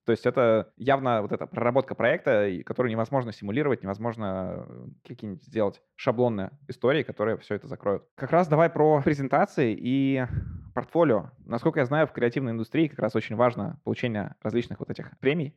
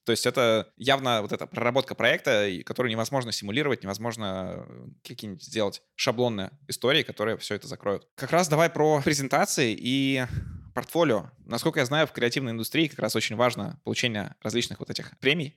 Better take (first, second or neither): second